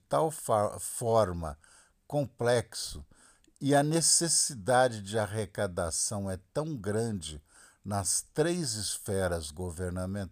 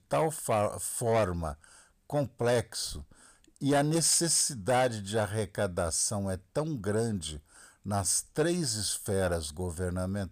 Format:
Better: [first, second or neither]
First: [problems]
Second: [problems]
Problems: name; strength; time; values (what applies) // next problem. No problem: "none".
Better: first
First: none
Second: distortion; slight; 10 dB below the speech